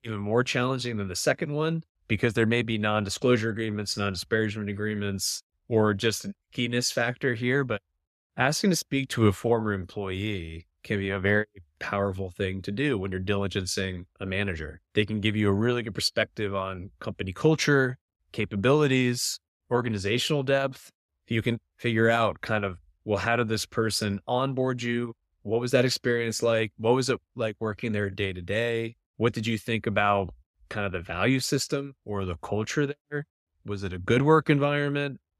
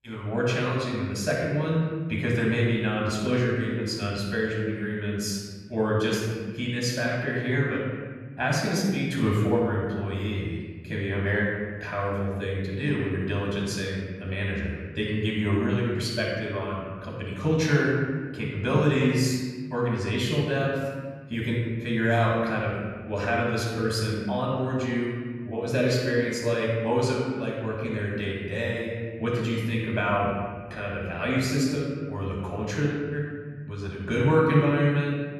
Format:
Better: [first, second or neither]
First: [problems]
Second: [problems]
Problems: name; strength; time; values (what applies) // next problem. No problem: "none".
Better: first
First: none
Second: off-mic speech; far // room echo; noticeable; dies away in 1.6 s